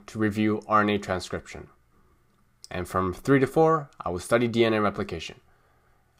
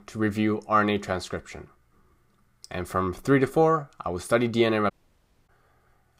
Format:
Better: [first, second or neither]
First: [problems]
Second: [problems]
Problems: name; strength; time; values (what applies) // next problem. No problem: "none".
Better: first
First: none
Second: audio cutting out; at 5 s for 0.5 s